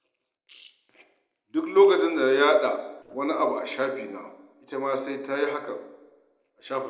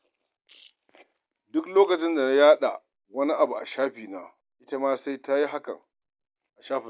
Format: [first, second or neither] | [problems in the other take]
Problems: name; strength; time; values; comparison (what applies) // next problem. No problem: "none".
second | noise reduction (neural separator model SepFormer DNS4)